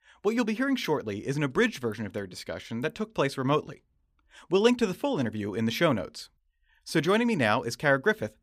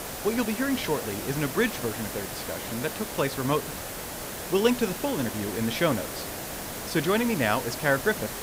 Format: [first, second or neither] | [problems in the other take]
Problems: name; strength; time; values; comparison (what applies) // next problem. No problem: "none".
first | hiss; loud; throughout; 6 dB below the speech